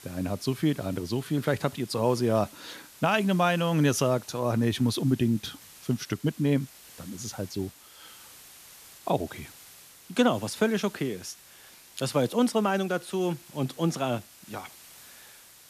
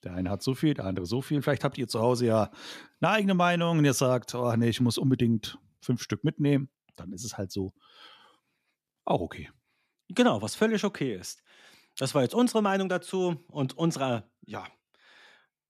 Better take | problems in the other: second | hiss; faint; throughout; 20 dB below the speech

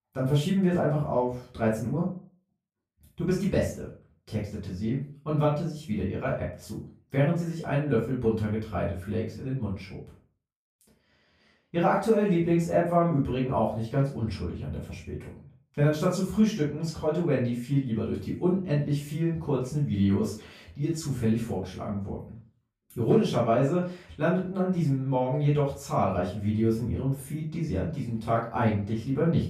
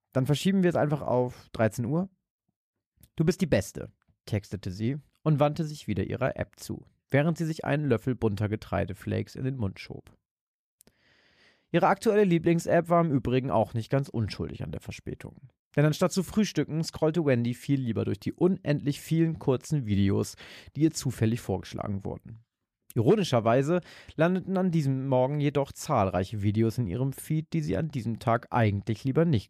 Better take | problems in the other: second | room echo; noticeable; dies away in 0.3 s // off-mic speech; far

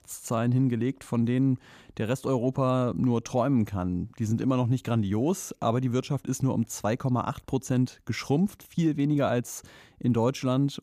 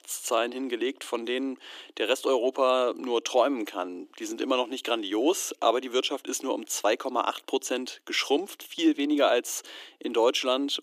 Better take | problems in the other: first | thin; somewhat; fading below 300 Hz

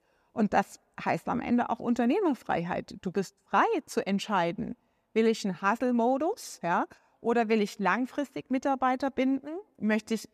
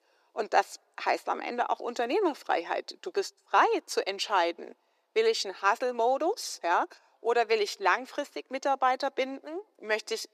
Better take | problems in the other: first | thin; very; fading below 350 Hz

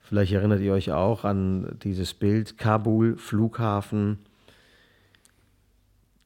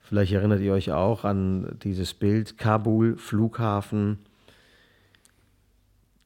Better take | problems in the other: neither | none

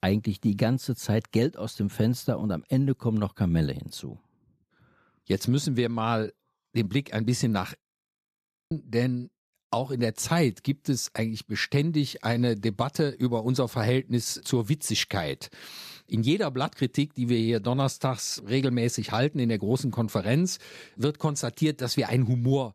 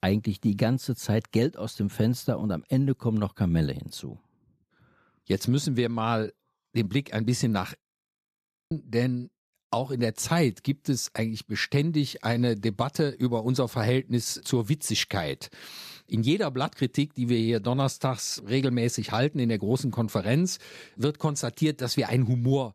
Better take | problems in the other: neither | audio freezing; at 8 s for 1 s; the same in both

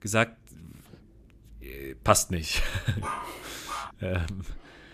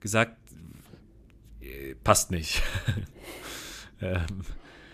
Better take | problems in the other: second | dog barking; noticeable; at 3 s; peak 6 dB below the speech

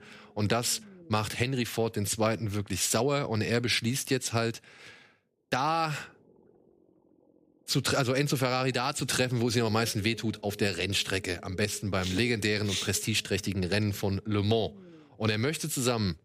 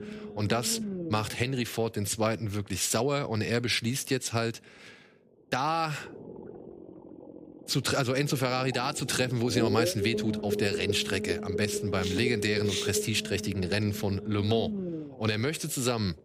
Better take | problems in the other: first | low rumble; loud; throughout; 8 dB below the speech; faint in the first

